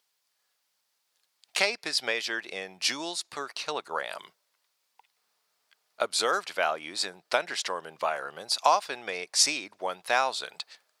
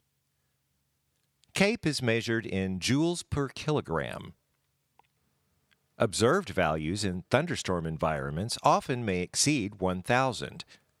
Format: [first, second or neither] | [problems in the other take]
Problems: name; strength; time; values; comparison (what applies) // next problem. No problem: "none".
second | thin; very; fading below 750 Hz